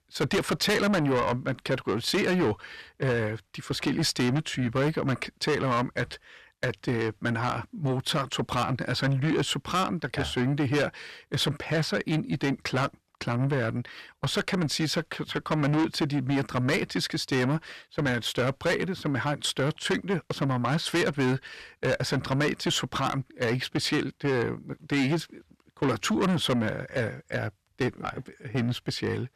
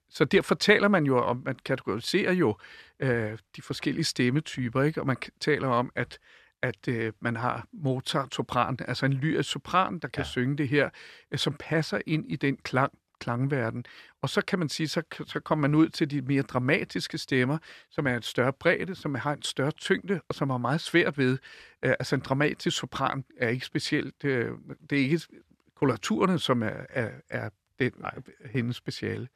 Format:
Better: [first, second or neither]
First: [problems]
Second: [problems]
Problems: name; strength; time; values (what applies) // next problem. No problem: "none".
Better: second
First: distortion; heavy; 6 dB below the speech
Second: none